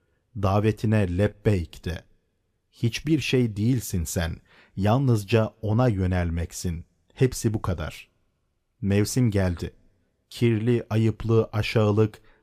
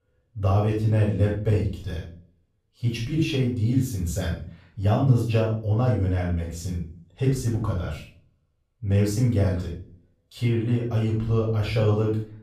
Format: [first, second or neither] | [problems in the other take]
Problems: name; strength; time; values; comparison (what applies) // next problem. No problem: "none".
first | off-mic speech; far // room echo; noticeable; dies away in 0.4 s